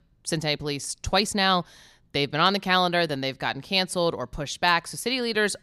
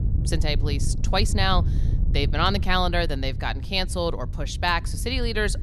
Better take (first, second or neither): first